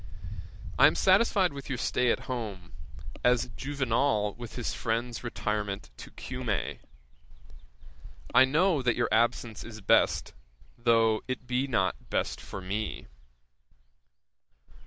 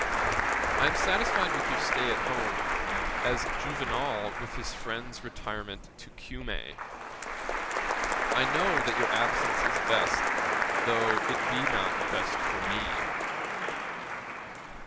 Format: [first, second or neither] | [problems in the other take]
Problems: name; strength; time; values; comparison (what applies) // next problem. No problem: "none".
first | background sound (Applause); 4 dB above the speech